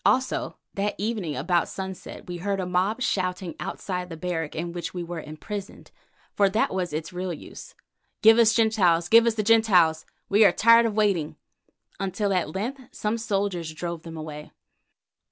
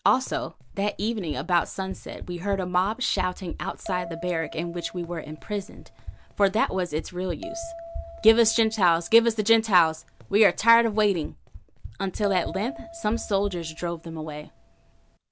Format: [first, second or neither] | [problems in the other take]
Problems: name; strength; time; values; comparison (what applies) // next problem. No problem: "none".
first | background sound (Bell + Run); 14 dB below the speech